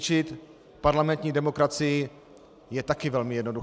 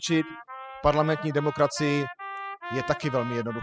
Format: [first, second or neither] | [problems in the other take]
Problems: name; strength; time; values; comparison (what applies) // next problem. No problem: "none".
first | noise reduction (classical method spectral subtraction)